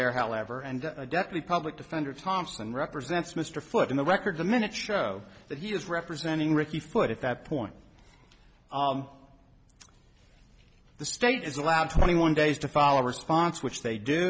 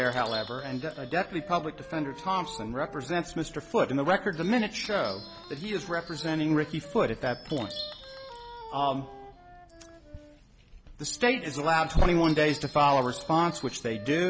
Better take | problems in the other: first | background sound (Chime + Wind instrument, woodwind instrument); 16 dB below the speech

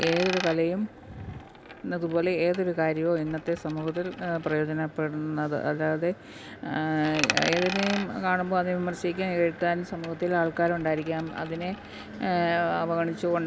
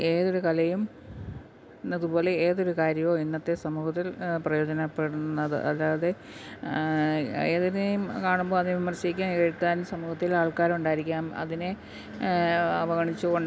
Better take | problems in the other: second | background sound (Coin (dropping)); 11 dB below the speech

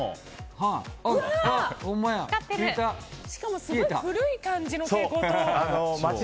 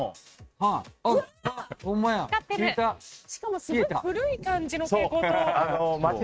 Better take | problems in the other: first | noise reduction (neural mask model RNNoise)

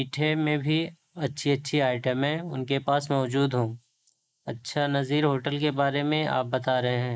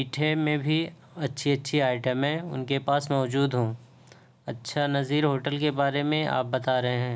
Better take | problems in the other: second | noise reduction (neural mask model Resemble Enhance denoiser)

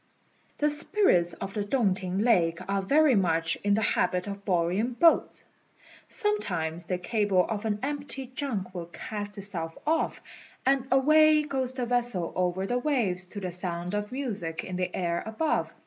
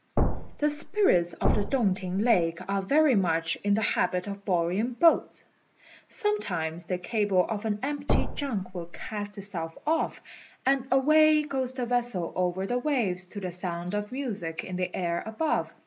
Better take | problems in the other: first | background sound (Thump, thud); as loud as the speech

